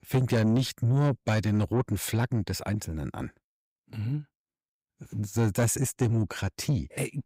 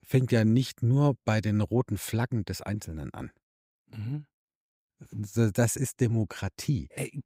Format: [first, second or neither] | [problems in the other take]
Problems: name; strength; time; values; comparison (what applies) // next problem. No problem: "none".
second | distortion; slight; 10 dB below the speech